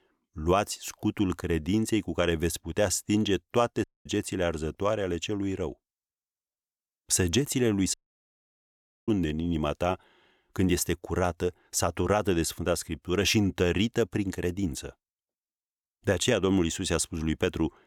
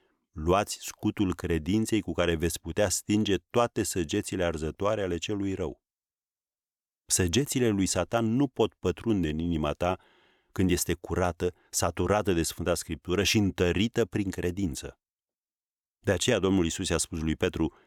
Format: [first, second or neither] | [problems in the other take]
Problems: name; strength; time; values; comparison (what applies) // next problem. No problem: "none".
second | audio cutting out; at 4 s and at 8 s for 1 s